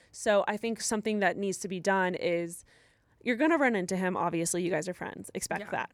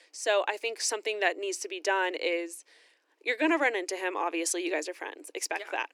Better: first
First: none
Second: thin; somewhat; fading below 300 Hz

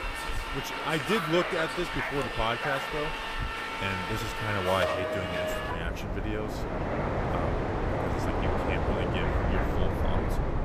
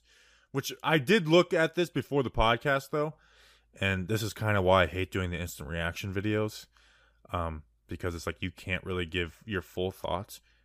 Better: second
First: train or aircraft noise; very loud; throughout; 3 dB above the speech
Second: none

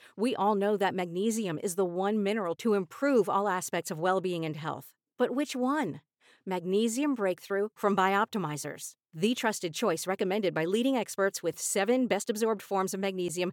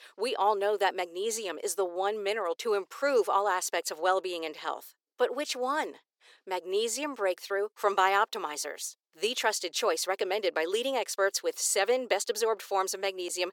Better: first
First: none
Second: thin; very; fading below 400 Hz

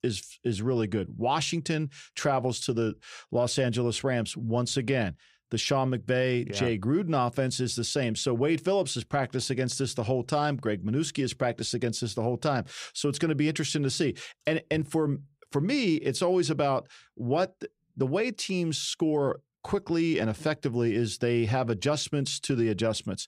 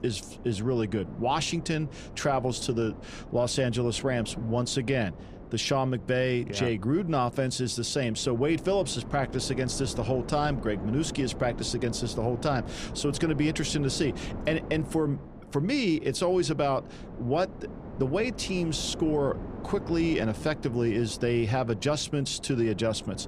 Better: first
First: none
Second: wind noise on the microphone; occasional gusts; 15 dB below the speech

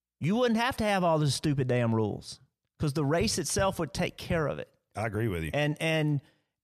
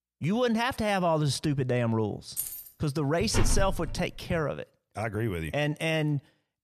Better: first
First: none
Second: jangling keys; noticeable; at 2.5 s; peak 5 dB below the speech // door banging; noticeable; at 3.5 s; peak 2 dB below the speech

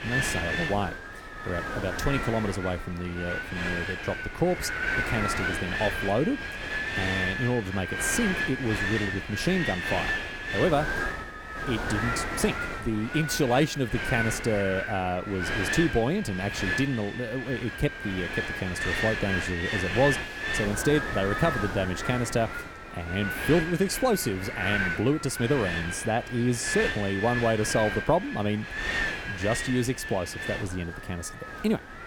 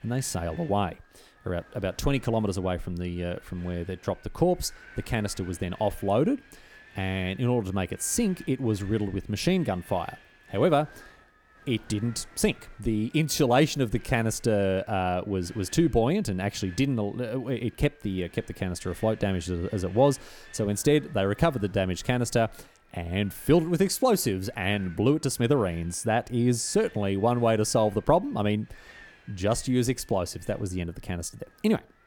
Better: second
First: wind noise on the microphone; heavy; 1 dB above the speech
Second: wind noise on the microphone; occasional gusts; 20 dB below the speech

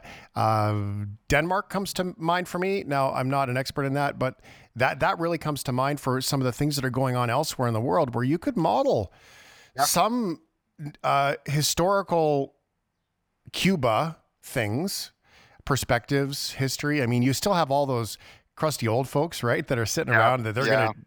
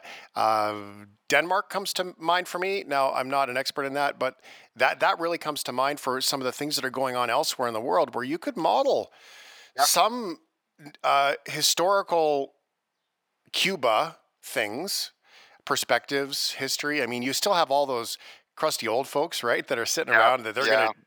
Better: first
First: none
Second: thin; somewhat; fading below 400 Hz

